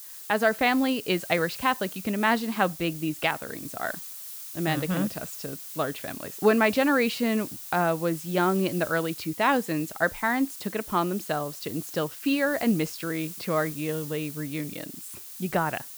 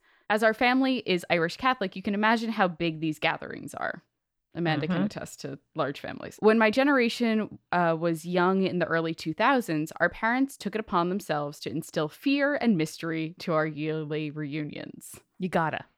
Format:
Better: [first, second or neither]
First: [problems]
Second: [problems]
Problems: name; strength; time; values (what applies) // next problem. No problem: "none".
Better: second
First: hiss; noticeable; throughout; 10 dB below the speech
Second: none